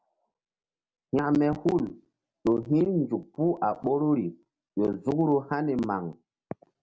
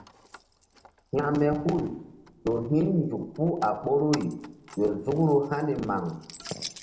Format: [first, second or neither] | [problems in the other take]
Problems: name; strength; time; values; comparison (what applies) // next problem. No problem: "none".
first | background sound (Keys jangling); 19 dB below the speech // room echo; dies away in 0.8 s